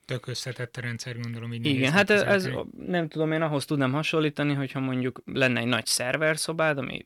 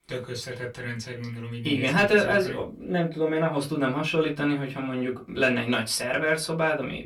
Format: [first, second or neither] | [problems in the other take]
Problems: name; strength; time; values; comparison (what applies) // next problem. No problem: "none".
first | off-mic speech; far // room echo; very slight; dies away in 0.2 s